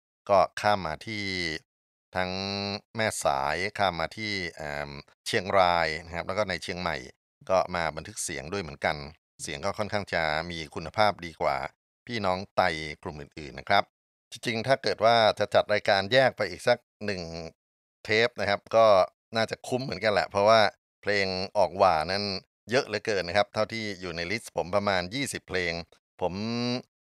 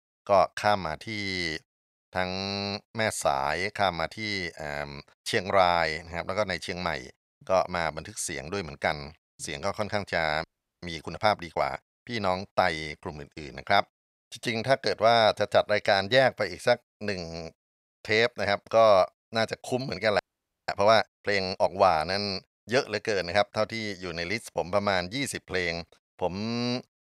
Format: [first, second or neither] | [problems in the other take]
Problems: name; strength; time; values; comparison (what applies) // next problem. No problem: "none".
first | audio freezing; at 10 s and at 20 s